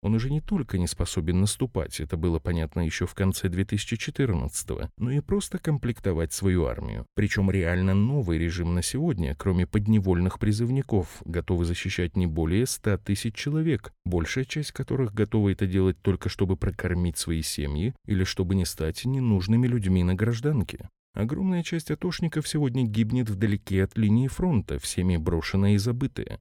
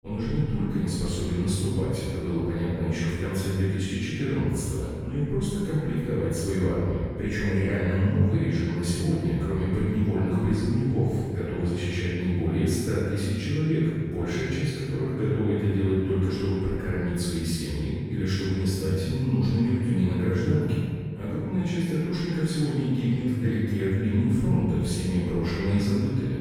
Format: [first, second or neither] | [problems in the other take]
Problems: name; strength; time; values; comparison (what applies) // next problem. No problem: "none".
first | room echo; strong; dies away in 1.6 s // off-mic speech; far